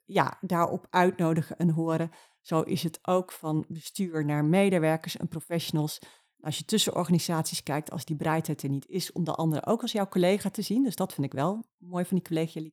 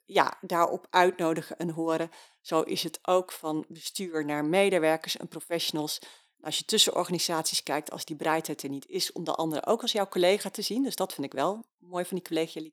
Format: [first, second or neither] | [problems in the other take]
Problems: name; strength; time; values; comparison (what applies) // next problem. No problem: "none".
first | thin; somewhat; fading below 350 Hz